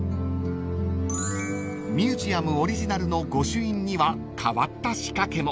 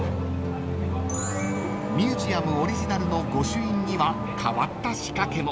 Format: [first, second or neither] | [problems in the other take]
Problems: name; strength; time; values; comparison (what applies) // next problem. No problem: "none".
first | background sound (Race car, auto racing / Accelerating, revving, vroom); 5 dB below the speech